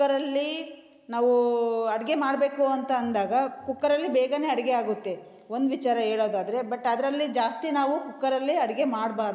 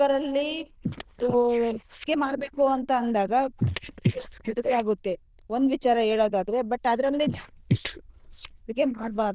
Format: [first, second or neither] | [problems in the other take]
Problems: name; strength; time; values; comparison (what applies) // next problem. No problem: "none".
first | noise reduction (neural diffusion model UNIVERSE++)